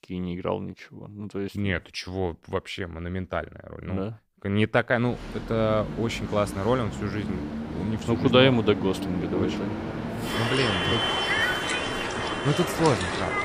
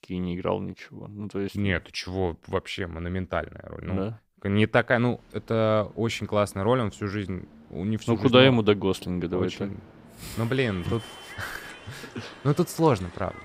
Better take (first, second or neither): second